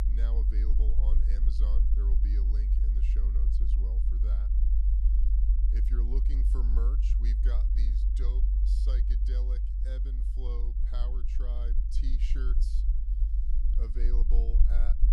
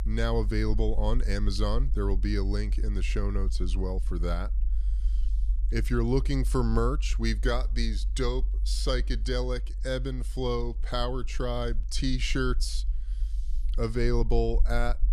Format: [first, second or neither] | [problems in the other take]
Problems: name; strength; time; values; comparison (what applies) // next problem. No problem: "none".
second | low rumble; loud; throughout; 1 dB below the speech; faint in the second